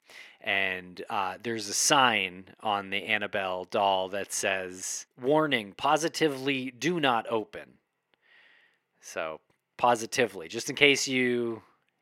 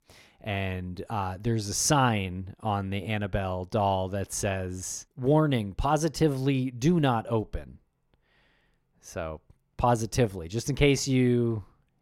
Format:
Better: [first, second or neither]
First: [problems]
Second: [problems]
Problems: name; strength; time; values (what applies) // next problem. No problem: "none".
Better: second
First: thin; somewhat; fading below 300 Hz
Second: none